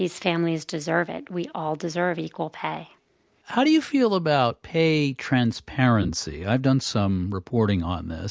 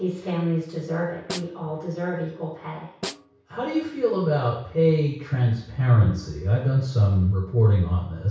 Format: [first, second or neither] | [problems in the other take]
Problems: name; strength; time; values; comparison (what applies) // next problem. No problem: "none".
first | background sound (Snare drum); 17 dB below the speech // room echo; dies away in 0.6 s